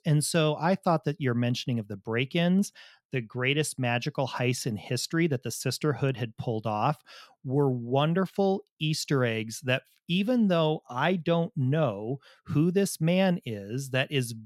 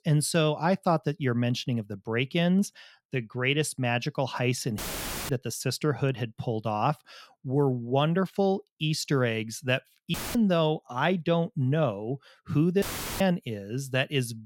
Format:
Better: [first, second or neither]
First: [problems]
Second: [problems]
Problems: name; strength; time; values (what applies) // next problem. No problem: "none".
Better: first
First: none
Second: audio cutting out; filled with static; at 5 s for 0.5 s, at 10 s and at 13 s